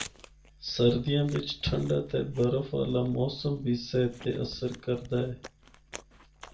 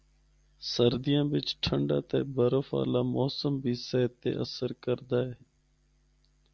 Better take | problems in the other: second | background sound (Chewing, mastication); 20 dB below the speech // room echo; dies away in 0.3 s

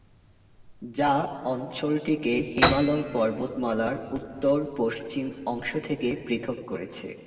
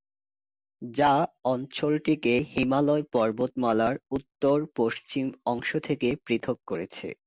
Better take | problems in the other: second | background sound (Piano); 8 dB below the speech // room echo; dies away in 2.2 s

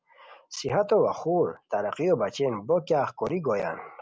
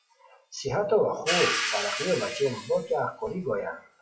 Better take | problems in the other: first | noise reduction (classical method WPE with log-MMSE)

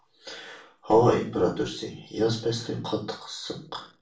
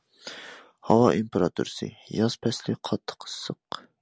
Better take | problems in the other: second | room echo; dies away in 0.3 s

